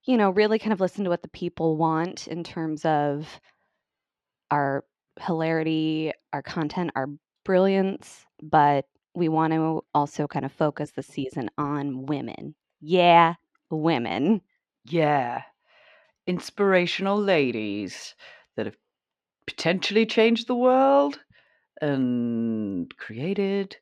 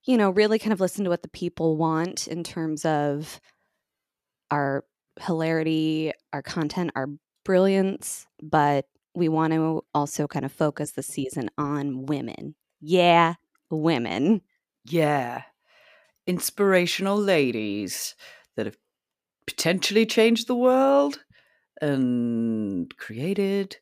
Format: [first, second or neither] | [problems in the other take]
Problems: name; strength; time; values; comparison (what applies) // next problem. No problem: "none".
second | muffled; very slightly; fading above 3.5 kHz